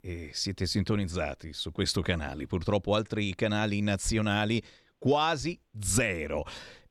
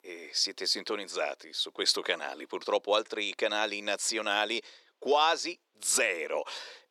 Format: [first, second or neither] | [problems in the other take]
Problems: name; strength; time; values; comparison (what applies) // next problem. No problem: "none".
first | thin; very; fading below 400 Hz